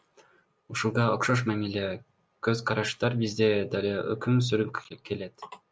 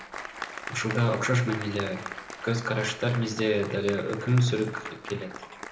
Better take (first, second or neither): first